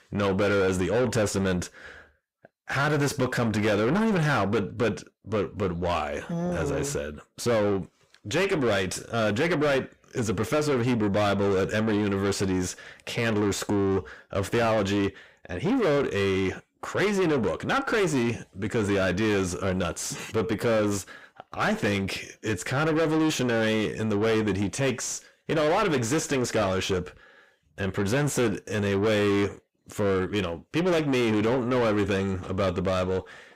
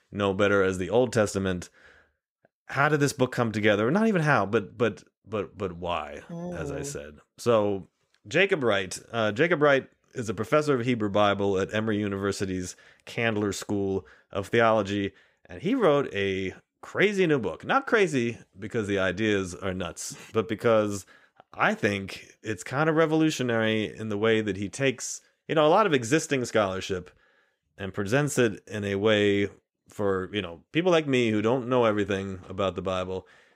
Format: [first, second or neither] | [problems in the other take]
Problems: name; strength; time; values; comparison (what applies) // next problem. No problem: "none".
second | distortion; heavy; 5 dB below the speech